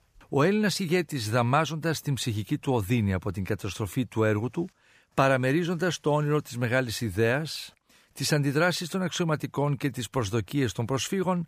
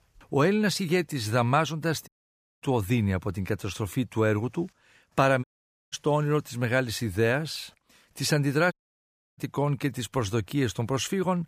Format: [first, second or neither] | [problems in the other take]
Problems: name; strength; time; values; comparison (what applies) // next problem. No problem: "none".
first | audio cutting out; at 2 s for 0.5 s, at 5.5 s and at 8.5 s for 0.5 s